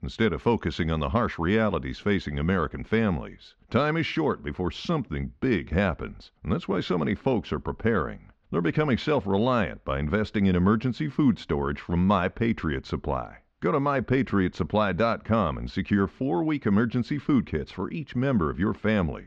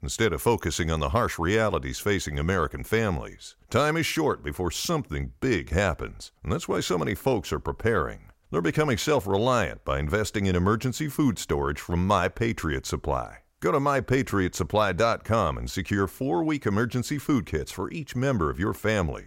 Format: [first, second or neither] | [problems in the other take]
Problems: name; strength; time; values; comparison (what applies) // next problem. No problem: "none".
second | muffled; slightly; fading above 4 kHz